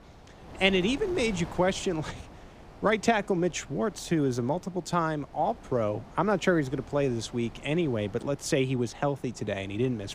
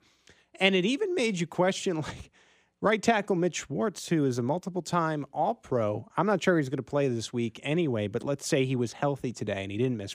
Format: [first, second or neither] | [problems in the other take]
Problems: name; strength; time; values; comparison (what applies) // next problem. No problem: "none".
second | wind noise on the microphone; occasional gusts; 20 dB below the speech